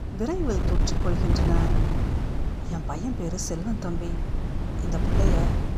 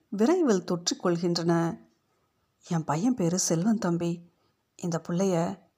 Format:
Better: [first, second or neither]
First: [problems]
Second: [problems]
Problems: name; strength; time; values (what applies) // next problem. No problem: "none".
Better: second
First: wind noise on the microphone; heavy; 1 dB below the speech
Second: none